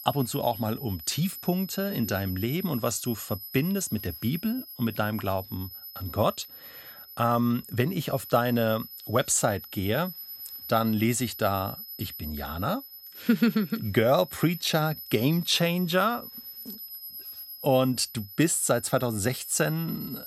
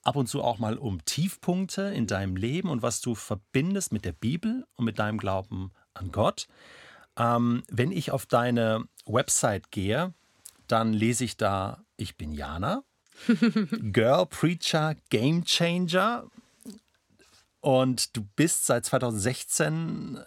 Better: second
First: high-pitched whine; noticeable; throughout; 12 kHz, 15 dB below the speech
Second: none

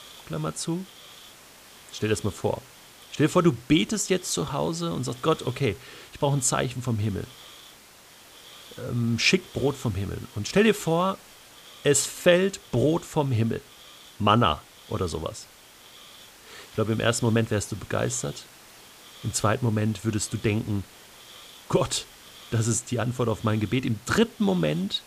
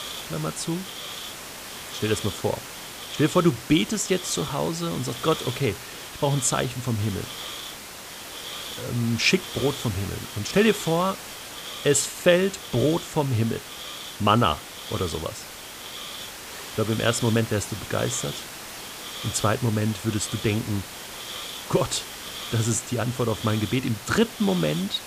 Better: first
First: hiss; faint; throughout; 20 dB below the speech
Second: hiss; loud; throughout; 9 dB below the speech

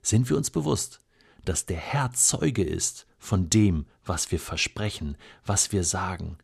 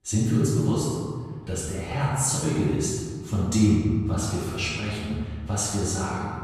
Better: first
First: none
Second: off-mic speech; far // room echo; strong; dies away in 1.9 s

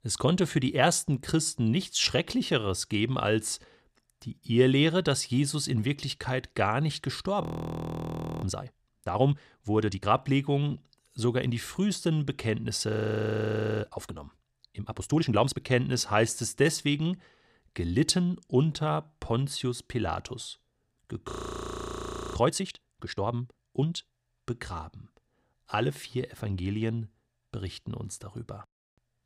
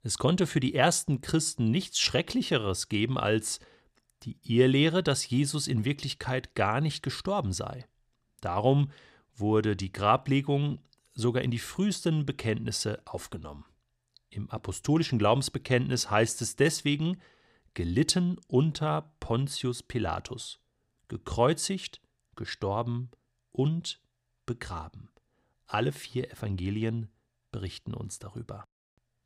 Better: second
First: audio freezing; at 7.5 s for 1 s, at 13 s for 1 s and at 21 s for 1 s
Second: none

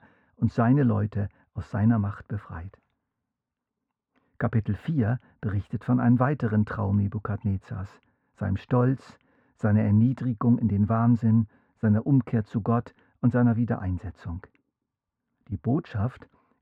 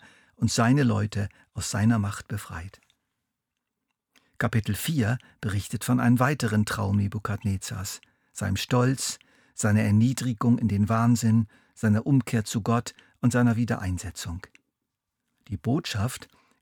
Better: second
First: muffled; very; fading above 3.5 kHz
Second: none

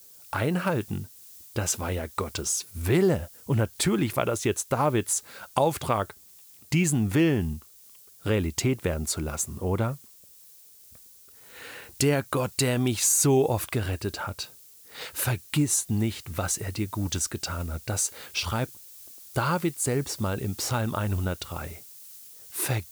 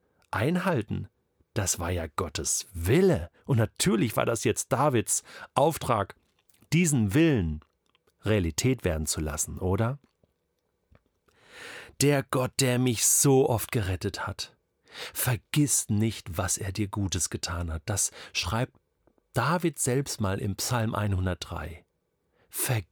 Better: second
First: hiss; noticeable; throughout; 20 dB below the speech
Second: none

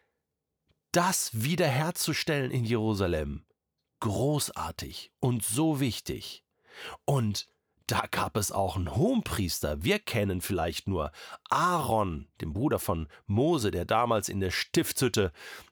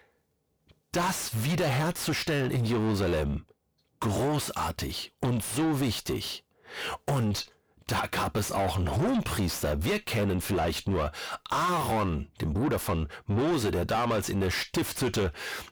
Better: first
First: none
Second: distortion; heavy; 5 dB below the speech

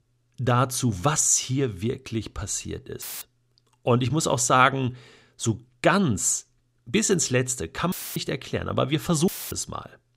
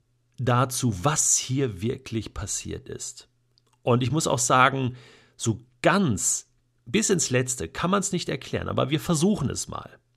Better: second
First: audio cutting out; filled with static; at 3 s, at 8 s and at 9.5 s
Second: none

